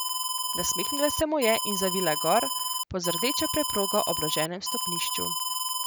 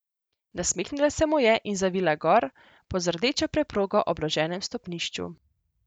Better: second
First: background sound (Alarm); 1 dB below the speech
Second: none

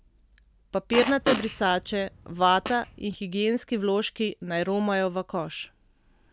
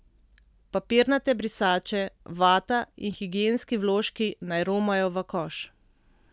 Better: second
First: background sound (Fart); 6 dB below the speech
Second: none

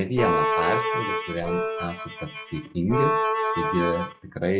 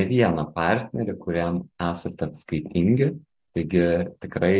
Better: second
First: noise reduction (classical method log-MMSE)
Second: none

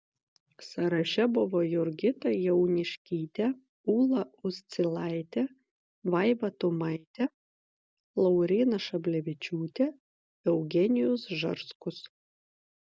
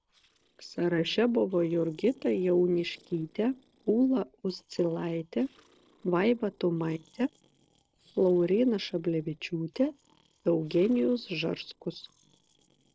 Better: first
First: none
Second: noise reduction (neural separator model SepFormer DNS4)

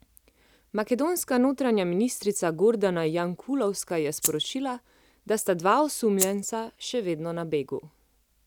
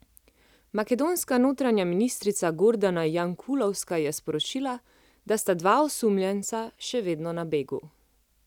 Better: second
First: background sound (Rattle (instrument)); 3 dB below the speech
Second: none

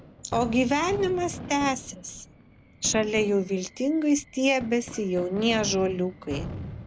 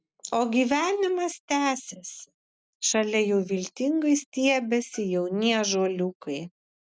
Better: second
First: background sound (Fireworks); 13 dB below the speech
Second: none

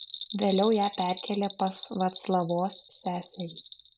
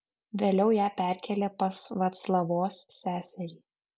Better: second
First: background sound (Bell); 14 dB below the speech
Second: none

